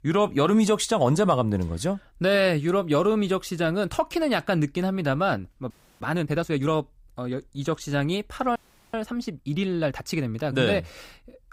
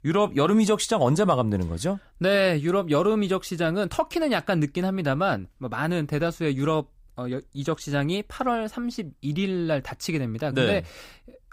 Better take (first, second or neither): second